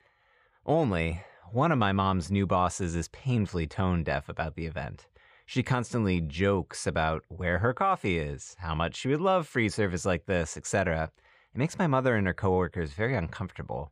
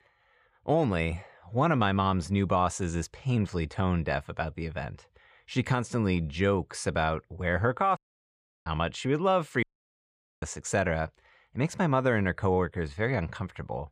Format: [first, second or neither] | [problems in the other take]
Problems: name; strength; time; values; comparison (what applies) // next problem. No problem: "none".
first | audio cutting out; at 8 s for 0.5 s and at 9.5 s for 1 s